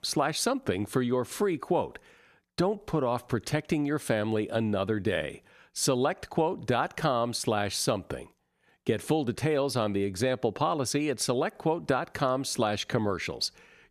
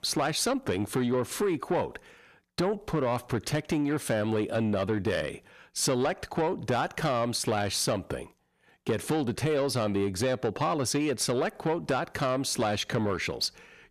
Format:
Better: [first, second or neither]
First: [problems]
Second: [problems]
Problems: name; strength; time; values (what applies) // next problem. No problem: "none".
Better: first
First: none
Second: distortion; slight; 10 dB below the speech